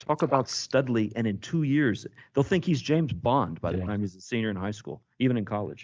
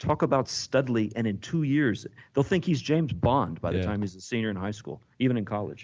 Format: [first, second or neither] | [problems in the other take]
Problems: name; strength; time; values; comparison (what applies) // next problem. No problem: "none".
second | noise reduction (neural mask model DeepFilterNet 3)